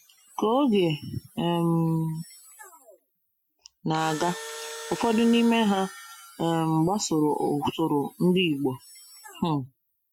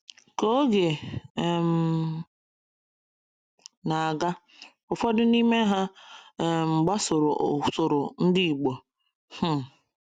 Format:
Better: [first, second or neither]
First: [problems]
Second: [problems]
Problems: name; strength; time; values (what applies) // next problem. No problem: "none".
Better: second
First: noise reduction (classical method Wiener filter)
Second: none